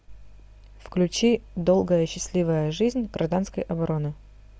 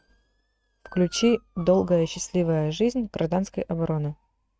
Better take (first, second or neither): first